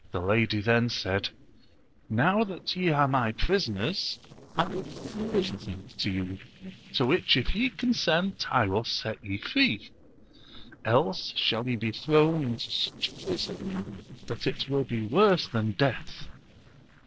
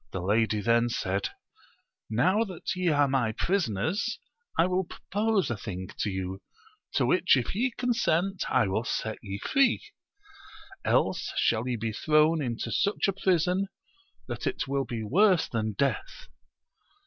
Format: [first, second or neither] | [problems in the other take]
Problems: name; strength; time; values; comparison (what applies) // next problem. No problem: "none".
second | noise reduction (neural separator model SepFormer DNS4)